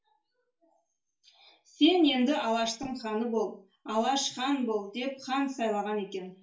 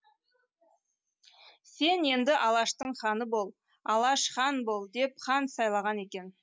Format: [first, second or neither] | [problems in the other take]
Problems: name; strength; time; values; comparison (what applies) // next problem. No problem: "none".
second | room echo; dies away in 0.3 s